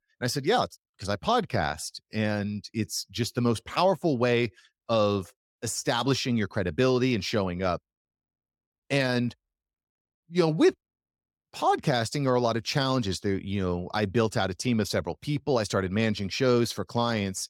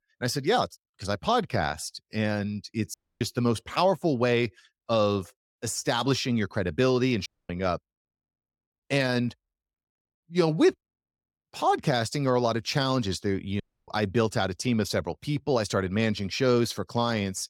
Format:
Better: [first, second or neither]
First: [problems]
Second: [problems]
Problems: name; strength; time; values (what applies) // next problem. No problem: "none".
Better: first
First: none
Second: audio cutting out; at 3 s, at 7.5 s and at 14 s